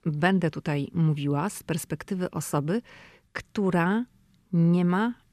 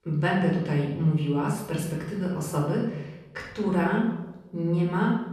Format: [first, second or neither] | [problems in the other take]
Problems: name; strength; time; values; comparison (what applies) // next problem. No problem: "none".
first | off-mic speech; far // room echo; noticeable; dies away in 0.8 s